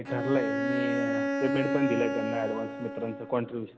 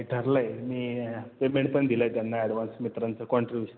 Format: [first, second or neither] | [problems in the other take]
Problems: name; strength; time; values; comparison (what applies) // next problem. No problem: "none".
second | background sound (Bowed string instrument); as loud as the speech